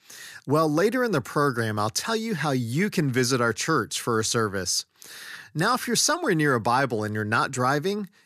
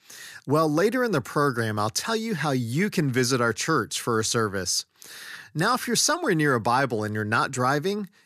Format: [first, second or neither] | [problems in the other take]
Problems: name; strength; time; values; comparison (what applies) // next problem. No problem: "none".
neither | none